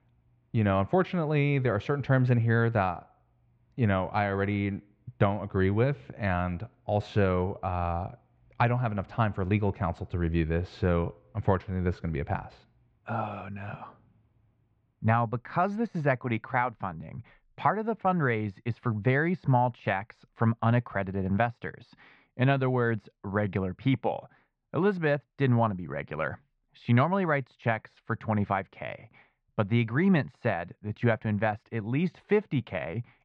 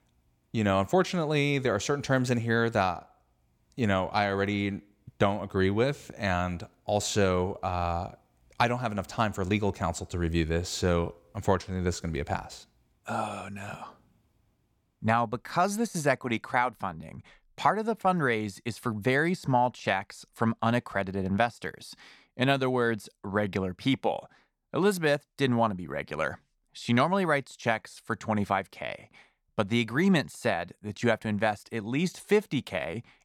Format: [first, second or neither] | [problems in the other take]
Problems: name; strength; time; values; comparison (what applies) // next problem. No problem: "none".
second | muffled; very; fading above 2.5 kHz